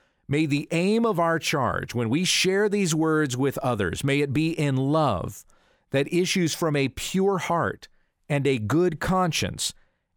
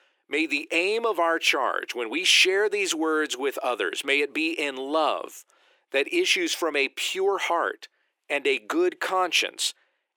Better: first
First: none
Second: thin; very; fading below 350 Hz

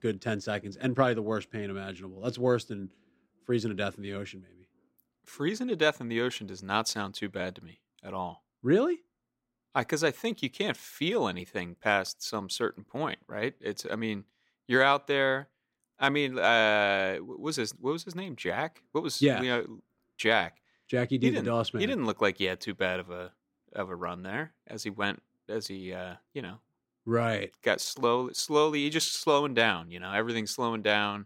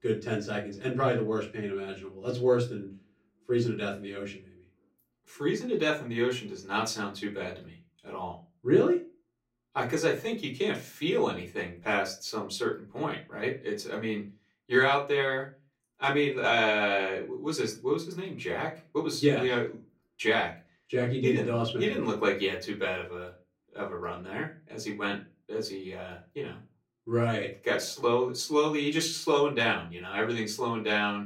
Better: first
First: none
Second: off-mic speech; far // room echo; very slight; dies away in 0.3 s

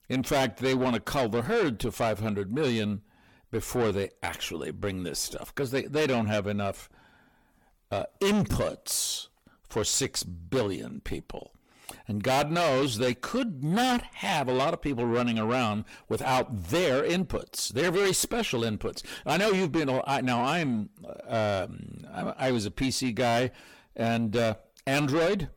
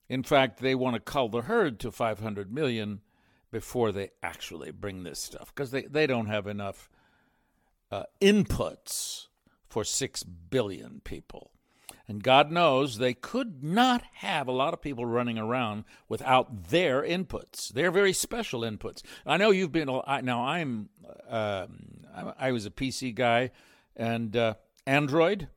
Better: second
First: distortion; heavy; 6 dB below the speech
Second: none

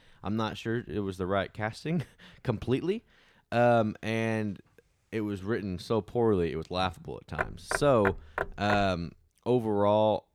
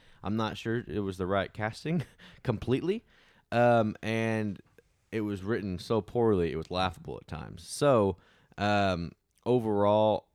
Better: second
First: door banging; noticeable; from 7.5 to 9 s; peak 3 dB below the speech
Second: none

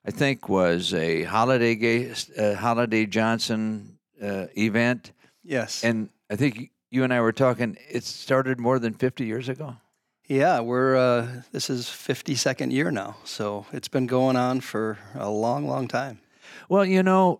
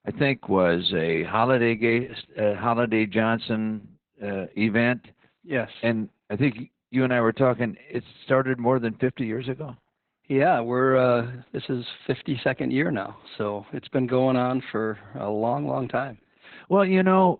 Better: first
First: none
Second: garbled, watery; badly; nothing above 4 kHz

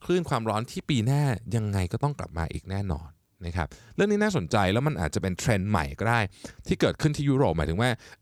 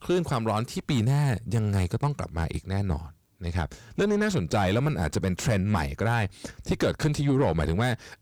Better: first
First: none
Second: distortion; slight; 10 dB below the speech

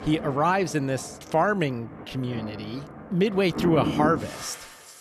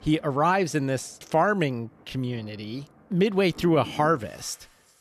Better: second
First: rain or running water; loud; throughout; 8 dB below the speech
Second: rain or running water; faint; throughout; 20 dB below the speech

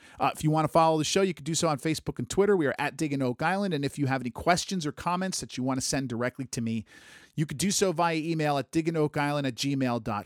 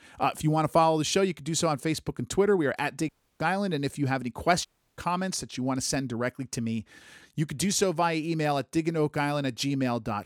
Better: first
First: none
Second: audio cutting out; at 3 s and at 4.5 s

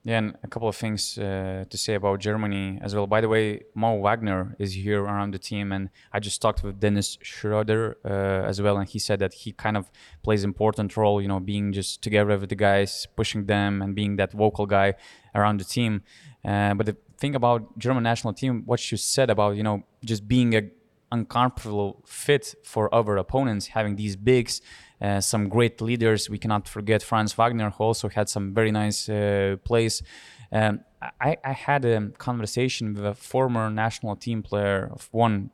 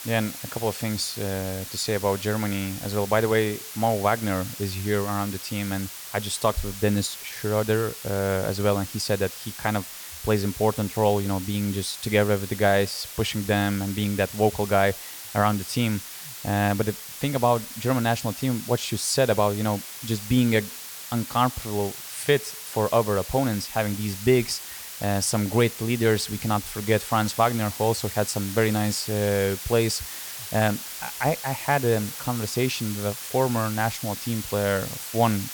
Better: first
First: none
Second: hiss; loud; throughout; 9 dB below the speech

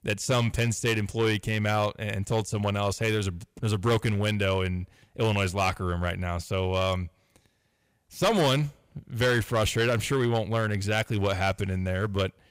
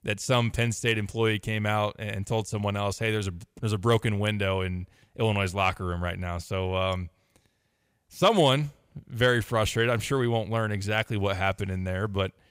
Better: second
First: distortion; slight; 6% of the sound clipped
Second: none

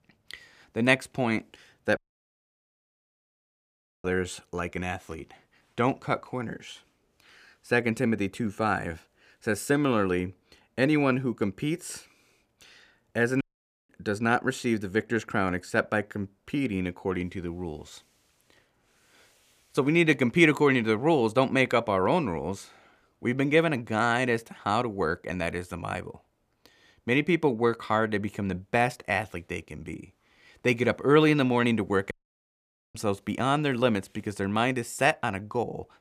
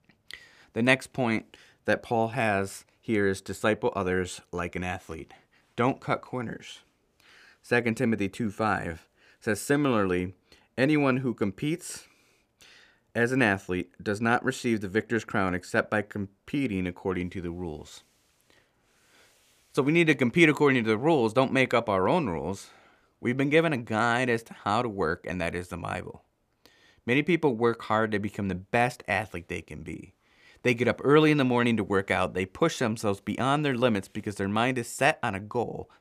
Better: second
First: audio cutting out; at 2 s for 2 s, at 13 s and at 32 s for 1 s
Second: none

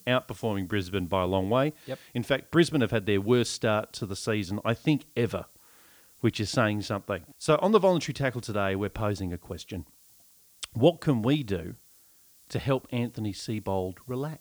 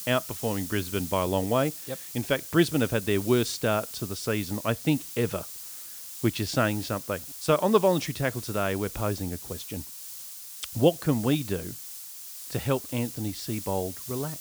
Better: first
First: hiss; faint; throughout; 25 dB below the speech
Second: hiss; loud; throughout; 10 dB below the speech

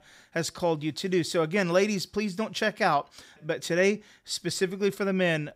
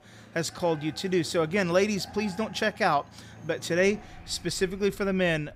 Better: first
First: none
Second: traffic noise; noticeable; throughout; 20 dB below the speech

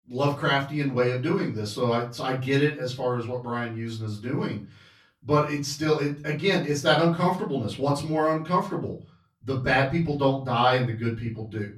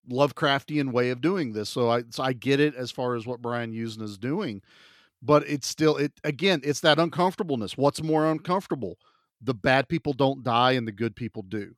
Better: second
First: off-mic speech; far // room echo; very slight; dies away in 0.3 s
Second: none

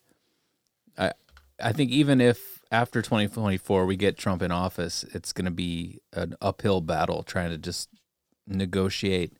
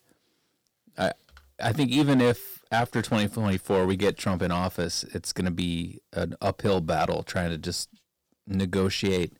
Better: first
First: none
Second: distortion; slight; 3% of the sound clipped

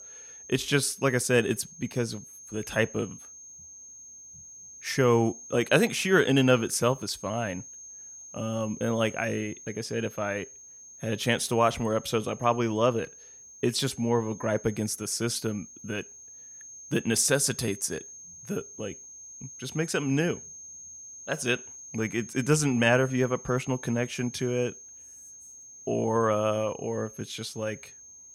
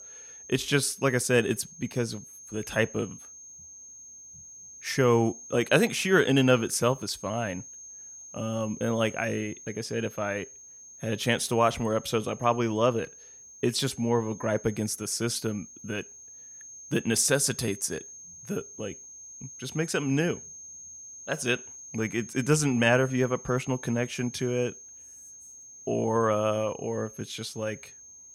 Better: neither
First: high-pitched whine; noticeable; throughout; 6.5 kHz, 15 dB below the speech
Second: high-pitched whine; noticeable; throughout; 6.5 kHz, 15 dB below the speech

